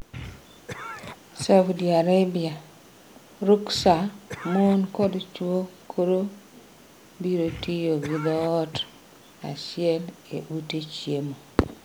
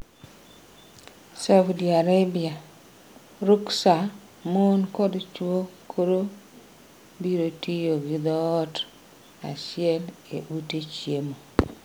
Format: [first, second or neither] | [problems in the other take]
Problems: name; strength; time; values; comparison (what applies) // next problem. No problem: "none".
second | background sound (Cough); 17 dB below the speech